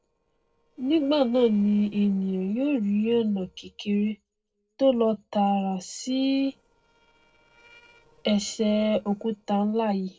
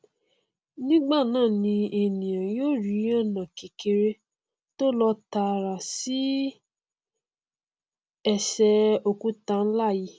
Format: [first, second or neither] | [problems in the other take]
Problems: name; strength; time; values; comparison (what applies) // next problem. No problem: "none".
second | noise reduction (neural separator model SepFormer DNS4)